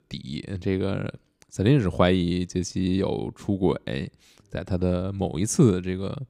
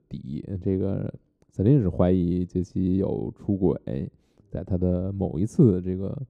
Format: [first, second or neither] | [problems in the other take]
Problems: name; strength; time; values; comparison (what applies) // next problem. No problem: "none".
first | muffled; very; fading above 1 kHz